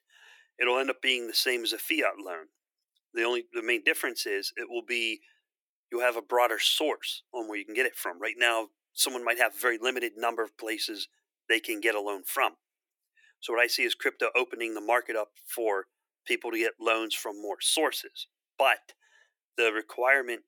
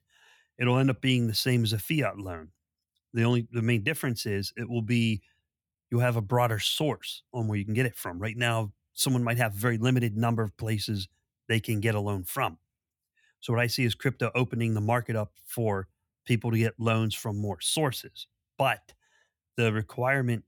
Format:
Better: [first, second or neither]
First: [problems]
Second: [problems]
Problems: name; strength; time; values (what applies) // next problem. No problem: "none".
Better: second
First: thin; very; fading below 300 Hz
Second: none